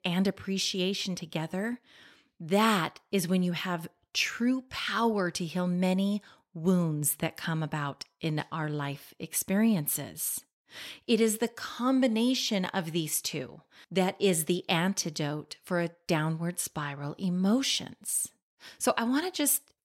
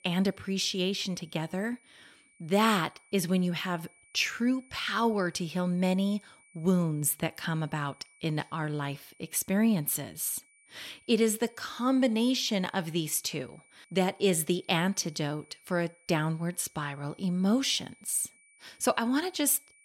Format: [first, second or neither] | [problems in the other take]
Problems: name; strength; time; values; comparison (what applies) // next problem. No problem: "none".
first | high-pitched whine; faint; throughout; 2.5 kHz, 30 dB below the speech